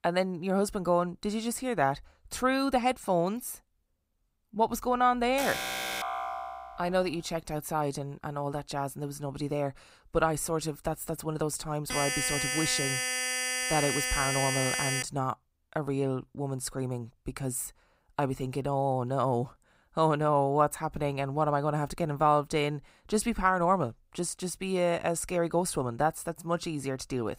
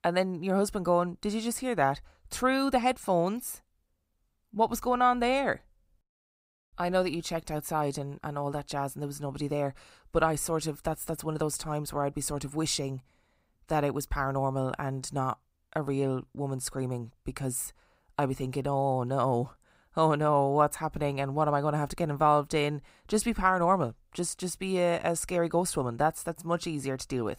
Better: second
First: alarm; noticeable; from 5.5 to 7 s; peak 2 dB below the speech // alarm; loud; from 12 to 15 s; peak 2 dB above the speech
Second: none

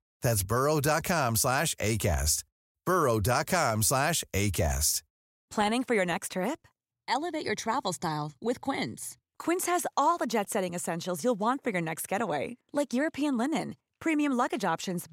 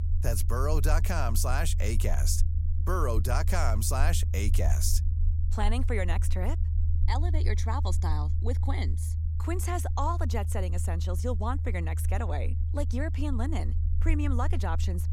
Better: first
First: none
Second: low rumble; noticeable; throughout; 10 dB below the speech

